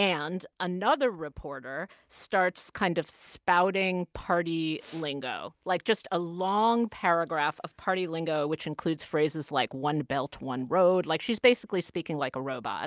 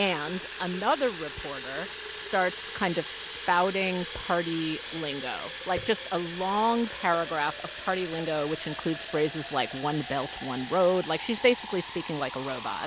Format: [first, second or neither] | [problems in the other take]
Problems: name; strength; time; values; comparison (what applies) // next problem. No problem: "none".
first | background sound (Fill (with liquid) / Water tap, faucet); 10 dB below the speech